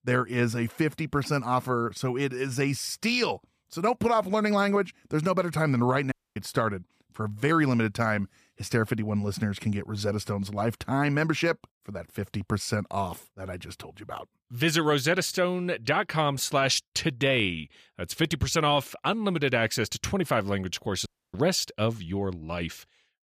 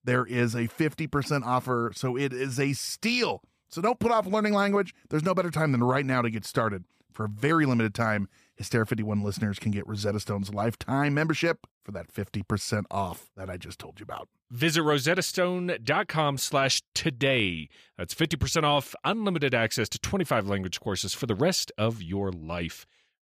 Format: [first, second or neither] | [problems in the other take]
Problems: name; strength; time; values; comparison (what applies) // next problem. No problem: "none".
second | audio cutting out; at 6 s and at 21 s